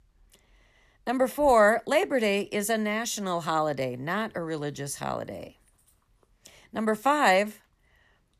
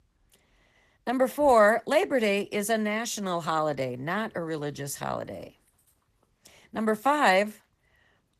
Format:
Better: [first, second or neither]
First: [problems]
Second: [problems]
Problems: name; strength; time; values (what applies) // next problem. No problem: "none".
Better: first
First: none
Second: garbled, watery; slightly; nothing above 14 kHz